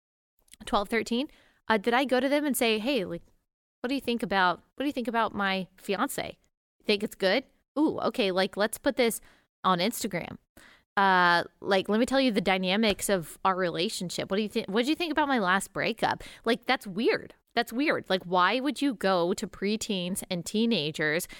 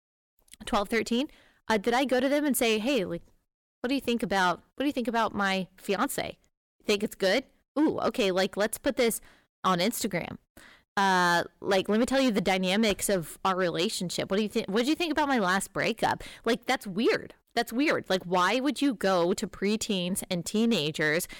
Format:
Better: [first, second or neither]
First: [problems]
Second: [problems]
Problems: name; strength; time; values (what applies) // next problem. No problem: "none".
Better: first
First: none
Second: distortion; slight; 5% of the sound clipped